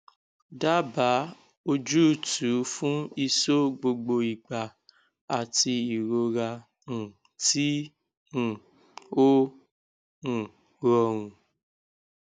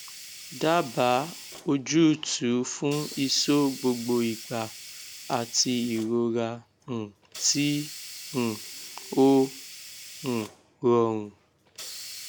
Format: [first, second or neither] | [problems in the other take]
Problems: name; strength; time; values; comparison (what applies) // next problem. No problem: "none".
first | background sound (Hiss); 15 dB below the speech